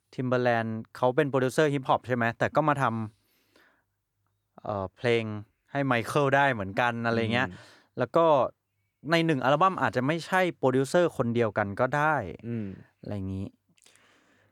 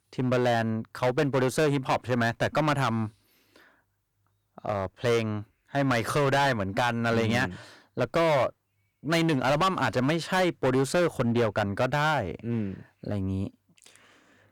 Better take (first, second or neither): first